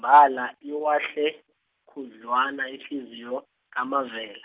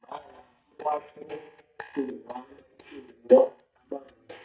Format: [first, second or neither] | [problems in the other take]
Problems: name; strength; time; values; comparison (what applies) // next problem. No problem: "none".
first | noise reduction (neural mask model DeepFilterNet 3)